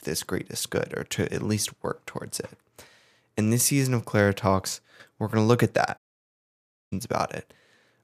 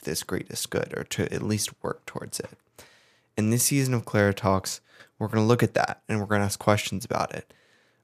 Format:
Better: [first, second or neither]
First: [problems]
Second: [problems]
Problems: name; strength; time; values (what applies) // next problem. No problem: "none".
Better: second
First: audio cutting out; at 6 s for 1 s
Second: none